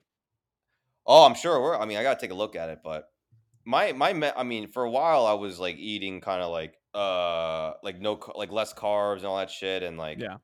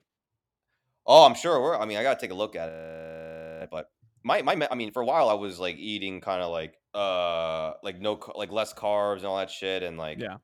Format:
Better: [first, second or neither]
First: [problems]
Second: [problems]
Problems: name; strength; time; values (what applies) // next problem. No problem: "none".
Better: first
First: none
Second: audio freezing; at 2.5 s for 1 s